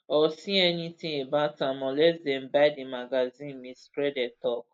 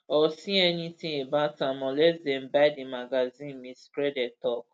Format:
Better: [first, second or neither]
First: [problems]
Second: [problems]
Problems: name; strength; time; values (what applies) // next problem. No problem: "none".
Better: second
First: noise reduction (neural mask model Resemble Enhance denoiser)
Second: none